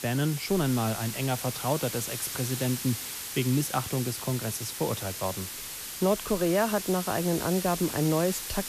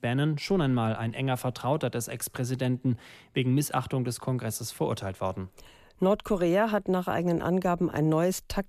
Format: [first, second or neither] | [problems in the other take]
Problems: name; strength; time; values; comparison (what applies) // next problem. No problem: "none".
second | hiss; loud; throughout; 5 dB below the speech